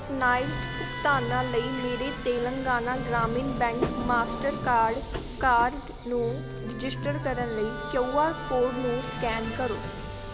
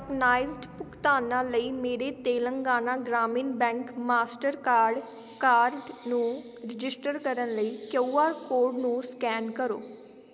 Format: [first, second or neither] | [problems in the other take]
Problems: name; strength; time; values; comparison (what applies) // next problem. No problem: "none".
second | background sound (Subway, metro, underground + Musical instrument); 6 dB below the speech